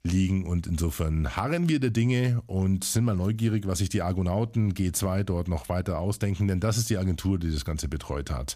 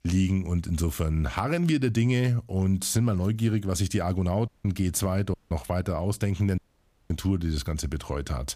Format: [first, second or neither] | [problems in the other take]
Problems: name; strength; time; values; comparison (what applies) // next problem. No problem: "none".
first | audio cutting out; at 4.5 s, at 5.5 s and at 6.5 s for 0.5 s